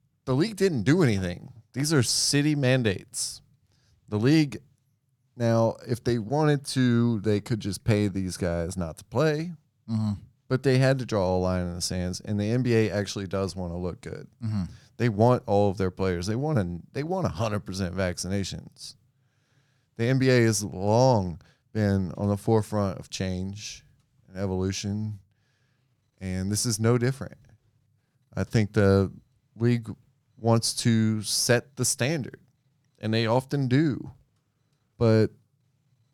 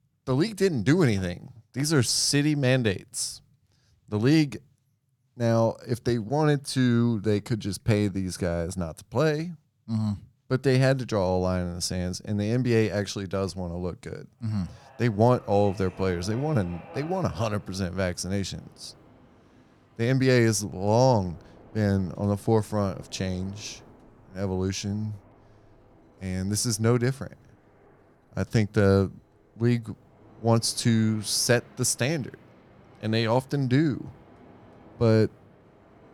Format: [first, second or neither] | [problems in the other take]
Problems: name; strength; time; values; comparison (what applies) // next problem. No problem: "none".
first | train or aircraft noise; faint; from 15 s on; 25 dB below the speech